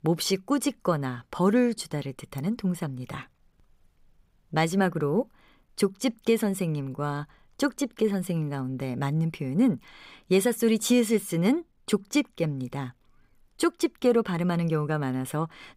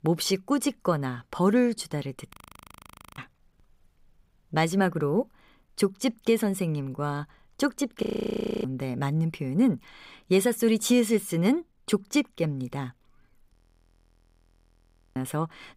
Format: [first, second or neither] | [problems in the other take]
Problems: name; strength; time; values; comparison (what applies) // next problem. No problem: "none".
first | audio freezing; at 2.5 s for 1 s, at 8 s for 0.5 s and at 14 s for 1.5 s